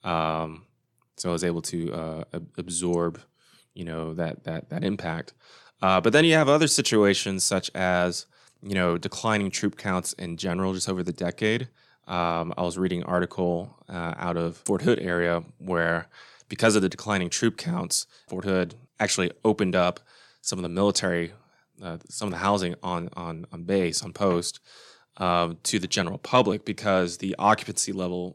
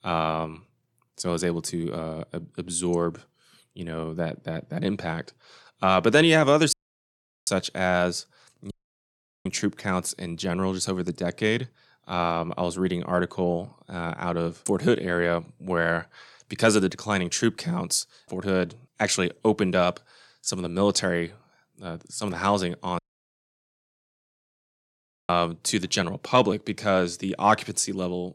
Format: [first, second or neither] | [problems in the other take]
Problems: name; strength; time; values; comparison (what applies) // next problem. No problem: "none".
first | audio cutting out; at 6.5 s for 0.5 s, at 8.5 s for 0.5 s and at 23 s for 2.5 s